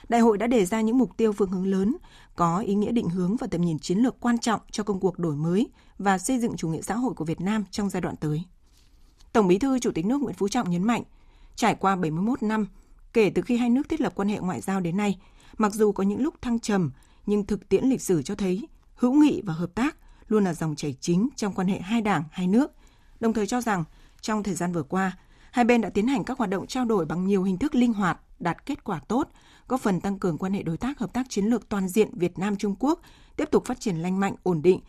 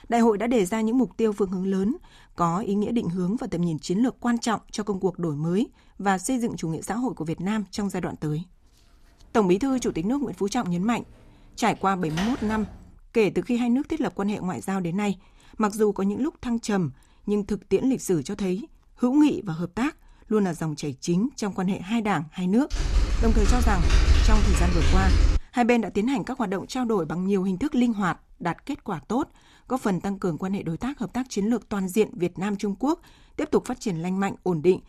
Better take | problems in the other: first | door banging; noticeable; from 9.5 to 13 s; peak 7 dB below the speech // keyboard typing; loud; from 23 to 25 s; peak 5 dB above the speech

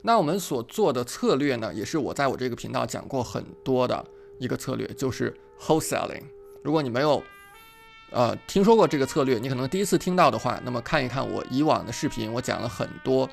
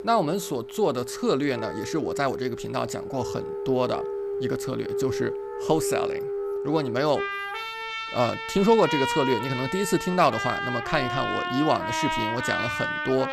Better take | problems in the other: first | background music; loud; throughout; 4 dB below the speech; faint in the first

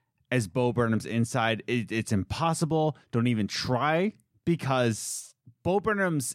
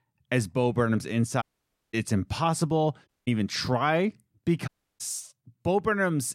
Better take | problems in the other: first | audio cutting out; at 1.5 s for 0.5 s, at 3 s and at 4.5 s

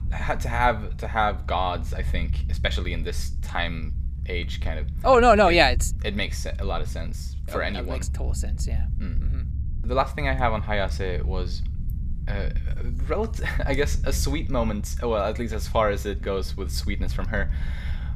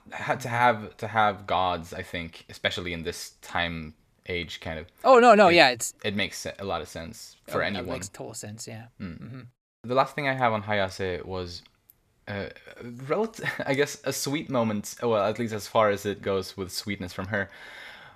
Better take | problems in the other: second | low rumble; faint; throughout; 25 dB below the speech

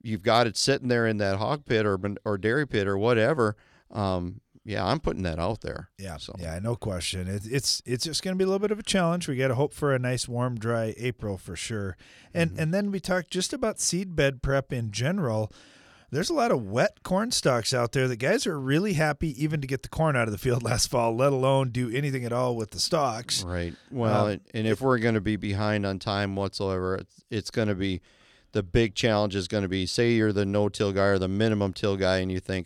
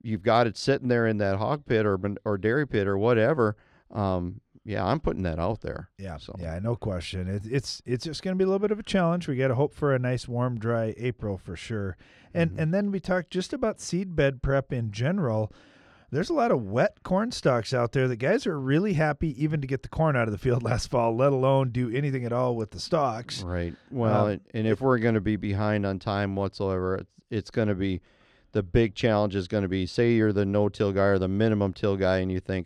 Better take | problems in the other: first | muffled; slightly; fading above 2 kHz

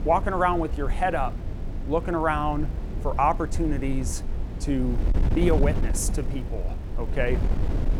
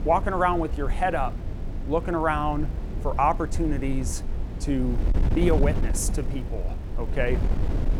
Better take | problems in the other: neither | wind noise on the microphone; occasional gusts; 15 dB below the speech; the same in both

